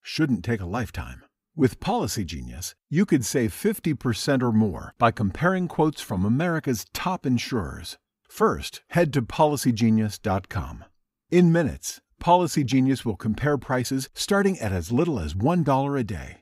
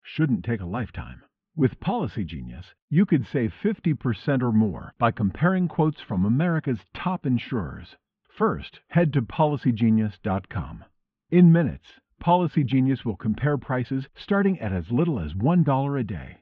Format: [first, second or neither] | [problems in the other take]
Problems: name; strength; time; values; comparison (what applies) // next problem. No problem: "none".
first | muffled; very; fading above 3.5 kHz